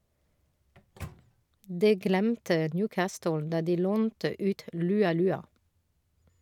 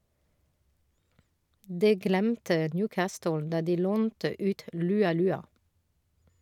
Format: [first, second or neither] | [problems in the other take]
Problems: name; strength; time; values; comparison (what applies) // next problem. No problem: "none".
second | background sound (Microwave oven); 17 dB below the speech